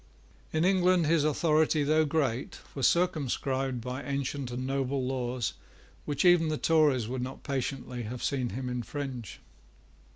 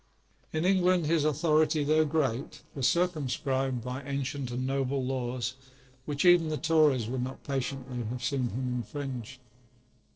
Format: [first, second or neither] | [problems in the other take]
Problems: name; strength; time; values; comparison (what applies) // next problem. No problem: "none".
first | noise reduction (neural separator model SepFormer DNS4)